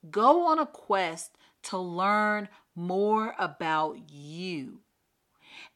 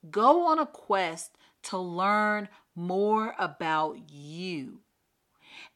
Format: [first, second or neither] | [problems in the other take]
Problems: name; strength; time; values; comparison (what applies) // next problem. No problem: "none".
neither | none